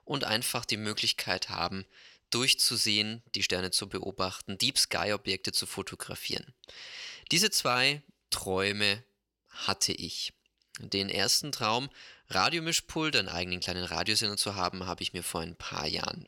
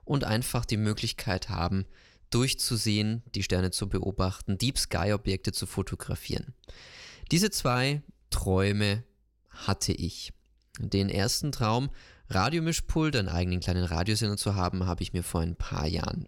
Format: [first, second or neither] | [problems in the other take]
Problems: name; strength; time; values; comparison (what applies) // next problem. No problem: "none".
second | thin; somewhat; fading below 1 kHz